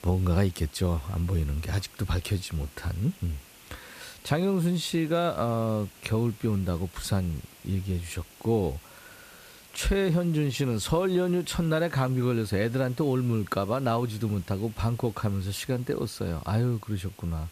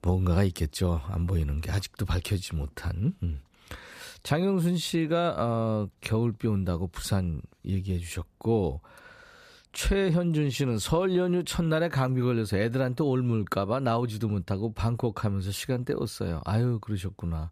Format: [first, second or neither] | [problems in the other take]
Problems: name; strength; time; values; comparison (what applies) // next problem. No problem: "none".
second | hiss; faint; throughout; 20 dB below the speech